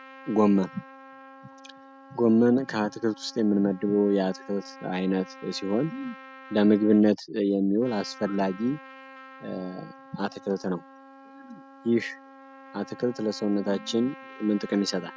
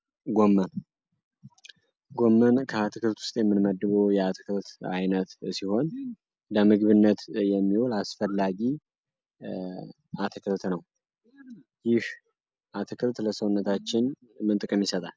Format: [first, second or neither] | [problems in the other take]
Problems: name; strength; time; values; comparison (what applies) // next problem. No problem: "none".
second | background sound (Trumpet); 20 dB below the speech